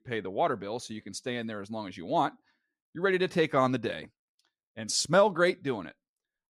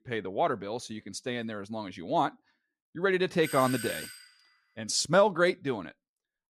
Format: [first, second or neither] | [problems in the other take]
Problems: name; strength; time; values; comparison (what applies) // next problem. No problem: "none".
first | doorbell; noticeable; at 3.5 s; peak 7 dB below the speech